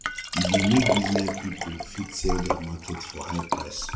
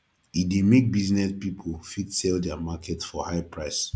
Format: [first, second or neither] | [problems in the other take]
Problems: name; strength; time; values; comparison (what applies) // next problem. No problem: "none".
second | background sound (Liquid); 1 dB below the speech // room echo; dies away in 0.8 s